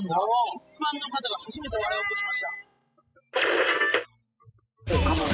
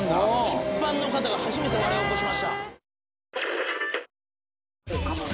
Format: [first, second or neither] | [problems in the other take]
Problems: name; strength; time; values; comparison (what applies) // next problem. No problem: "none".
second | noise reduction (classical method spectral subtraction)